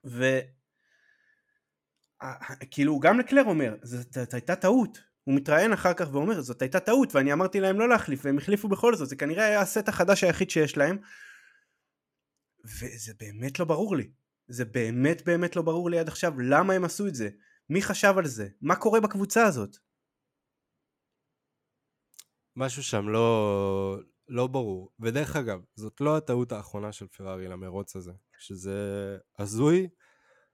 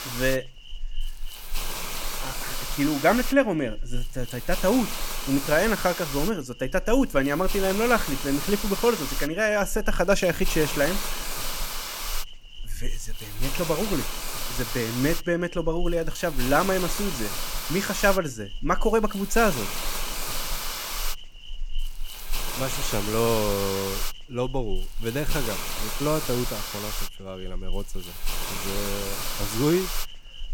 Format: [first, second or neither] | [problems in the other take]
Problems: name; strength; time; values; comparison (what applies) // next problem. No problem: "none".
first | hiss; loud; throughout; 6 dB below the speech